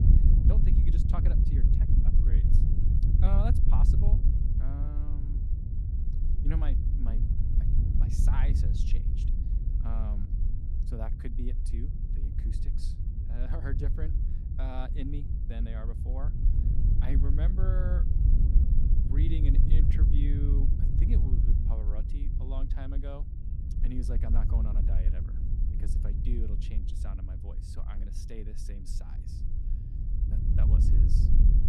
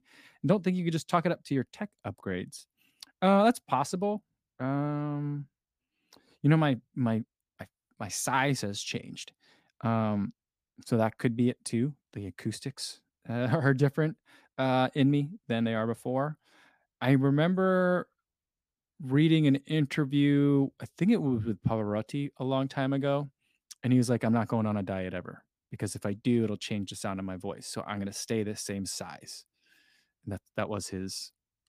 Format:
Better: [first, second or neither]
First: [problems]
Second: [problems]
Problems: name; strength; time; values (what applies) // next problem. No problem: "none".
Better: second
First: wind noise on the microphone; heavy; as loud as the speech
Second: none